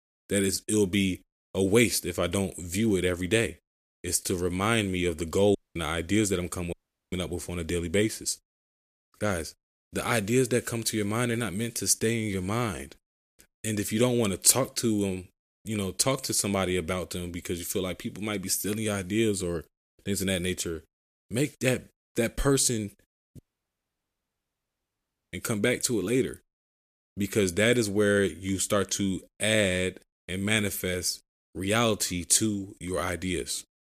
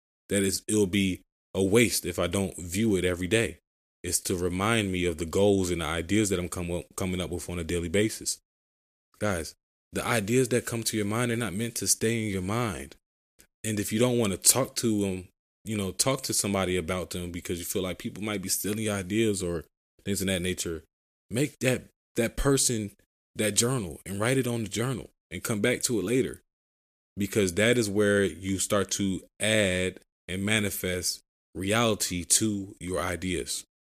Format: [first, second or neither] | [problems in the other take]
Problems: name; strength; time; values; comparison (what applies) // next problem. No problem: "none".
second | audio cutting out; at 5.5 s, at 6.5 s and at 23 s for 2 s